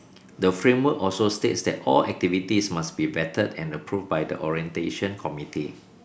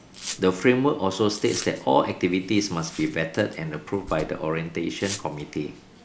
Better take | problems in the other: first | background sound (Domestic sounds, home sounds); 17 dB below the speech

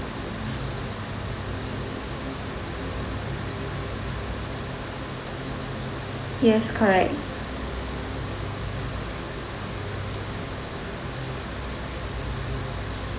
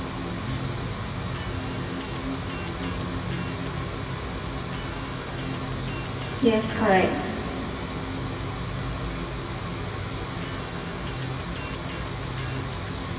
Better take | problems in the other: first | background sound (Electric guitar); 16 dB below the speech // room echo; dies away in 2.4 s

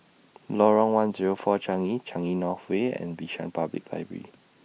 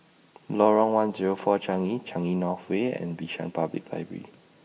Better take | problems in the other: first | room echo; dies away in 2.4 s

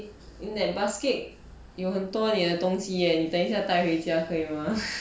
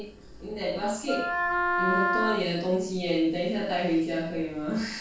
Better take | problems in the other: first | background sound (Wind instrument, woodwind instrument); 1 dB above the speech // room echo; dies away in 0.3 s

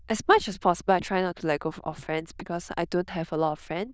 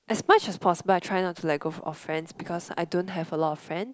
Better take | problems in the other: second | noise reduction (neural diffusion model UNIVERSE++)

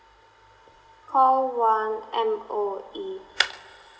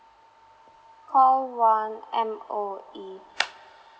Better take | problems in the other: second | room echo; dies away in 1.8 s

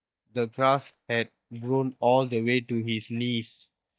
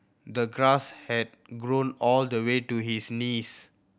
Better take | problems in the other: second | noise reduction (neural mask model DeepFilterNet 3)

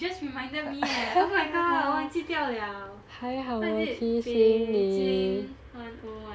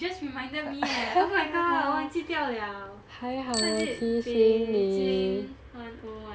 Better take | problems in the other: first | background sound (Bicycle bell); 15 dB below the speech

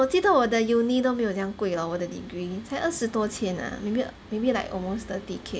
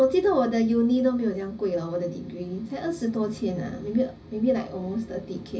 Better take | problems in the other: first | room echo; dies away in 0.4 s

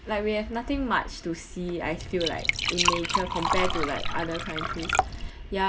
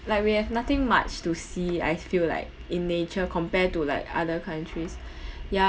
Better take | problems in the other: second | background sound (Liquid); 2 dB above the speech

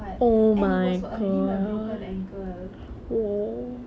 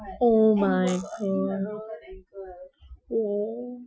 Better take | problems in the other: first | noise reduction (classical method Wiener filter)

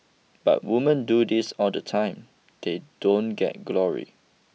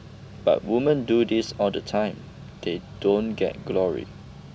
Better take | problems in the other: first | background sound (Mechanical fan); 16 dB below the speech

